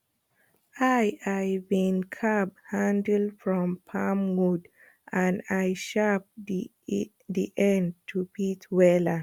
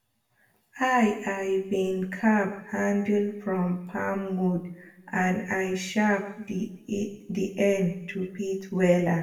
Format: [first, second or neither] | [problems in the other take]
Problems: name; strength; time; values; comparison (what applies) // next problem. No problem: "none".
first | room echo; dies away in 0.7 s